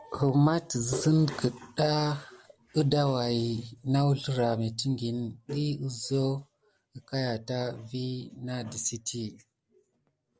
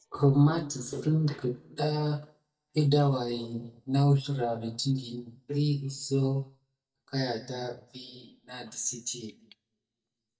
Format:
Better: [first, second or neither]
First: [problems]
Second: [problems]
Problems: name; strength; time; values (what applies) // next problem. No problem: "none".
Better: first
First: none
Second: noise reduction (neural mask model DeepFilterNet 3)